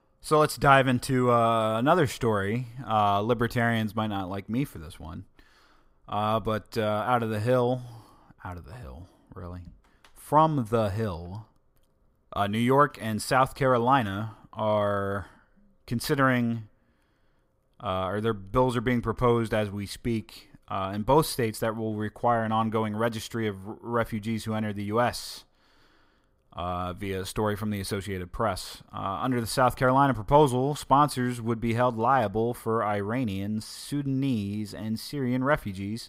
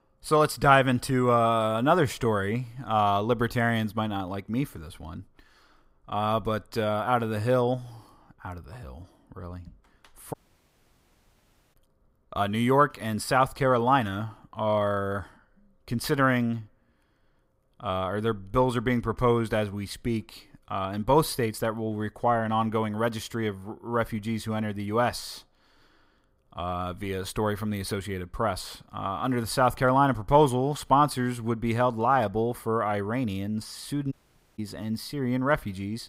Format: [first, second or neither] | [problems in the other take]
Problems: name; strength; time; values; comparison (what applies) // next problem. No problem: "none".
first | audio cutting out; at 10 s for 1.5 s and at 34 s